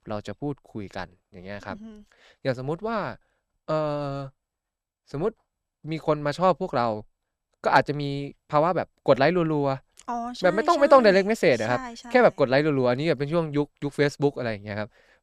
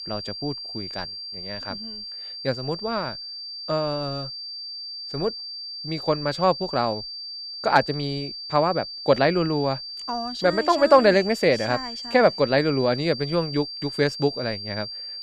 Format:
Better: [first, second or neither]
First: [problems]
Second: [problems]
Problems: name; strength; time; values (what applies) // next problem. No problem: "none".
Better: first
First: none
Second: high-pitched whine; loud; throughout; 4.5 kHz, 9 dB below the speech